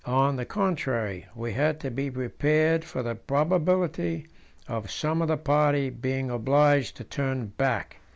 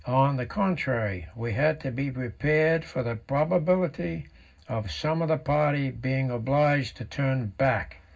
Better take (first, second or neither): first